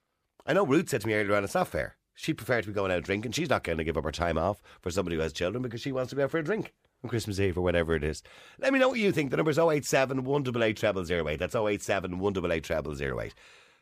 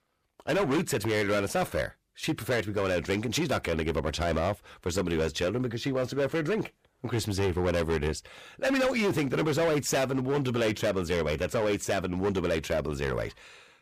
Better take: first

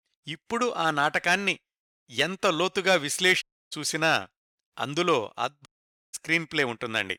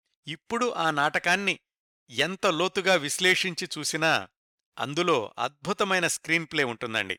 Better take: second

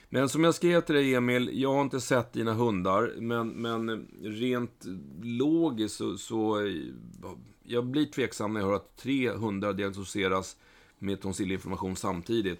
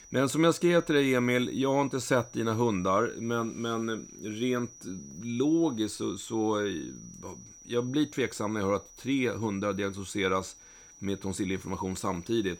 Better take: first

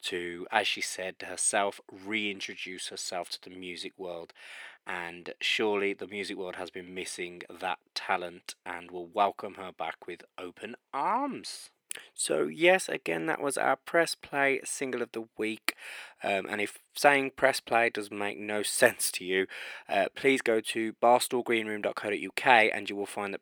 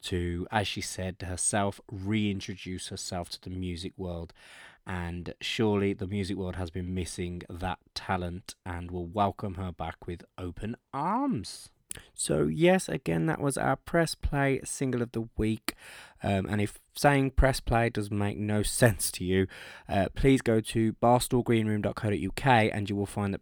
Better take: second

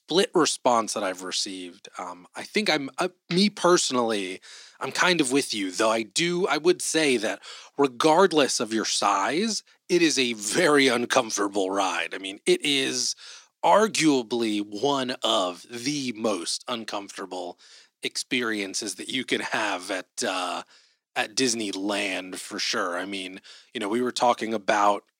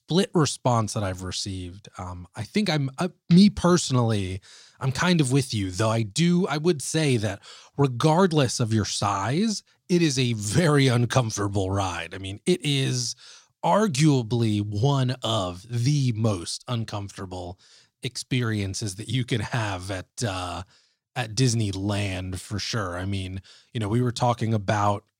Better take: second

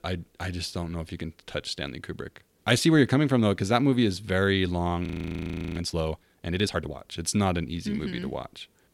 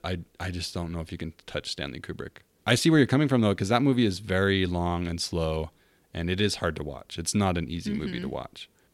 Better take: second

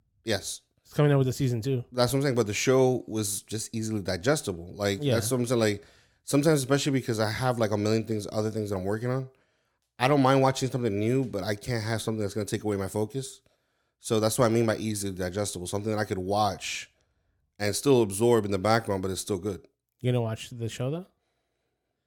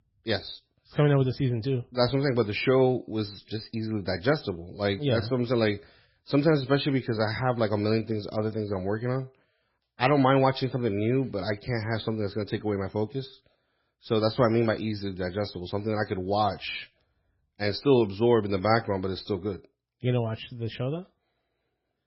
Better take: first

